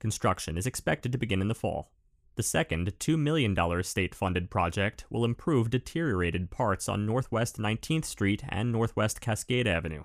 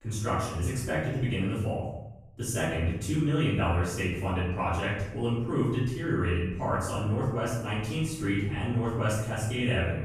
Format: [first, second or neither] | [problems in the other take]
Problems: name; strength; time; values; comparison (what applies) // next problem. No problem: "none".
first | off-mic speech; far // room echo; noticeable; dies away in 0.8 s